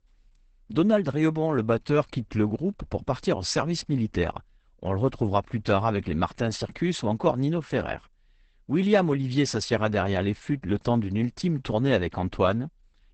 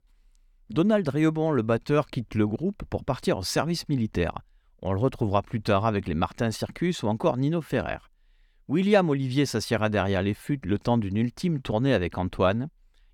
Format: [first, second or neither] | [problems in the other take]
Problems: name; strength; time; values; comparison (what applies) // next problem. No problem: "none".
second | garbled, watery; badly; nothing above 8 kHz